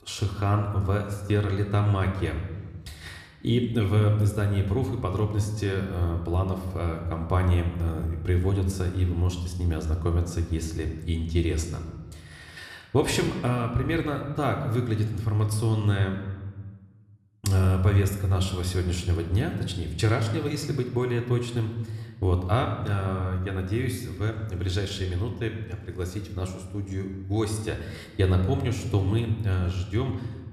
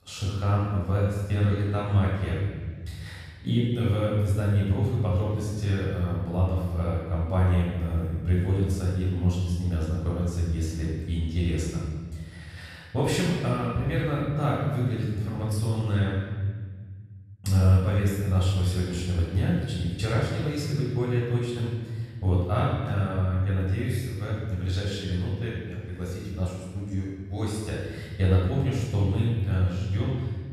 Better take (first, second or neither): first